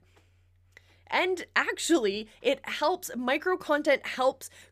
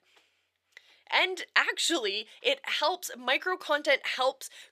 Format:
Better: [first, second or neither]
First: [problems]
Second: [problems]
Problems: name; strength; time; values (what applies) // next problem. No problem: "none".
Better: first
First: none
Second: thin; somewhat; fading below 450 Hz